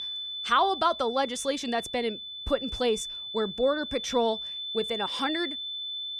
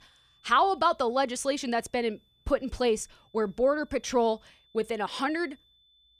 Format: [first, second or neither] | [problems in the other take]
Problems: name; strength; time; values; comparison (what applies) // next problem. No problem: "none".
second | high-pitched whine; loud; throughout; 3.5 kHz, 5 dB below the speech; faint in the second